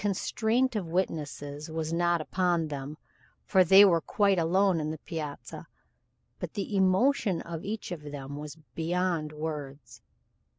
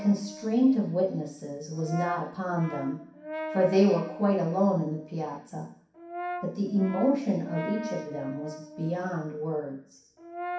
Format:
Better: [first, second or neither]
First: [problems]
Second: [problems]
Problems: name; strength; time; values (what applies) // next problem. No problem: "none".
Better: first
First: none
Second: background sound (Brass instrument); 12 dB below the speech // room echo; dies away in 0.6 s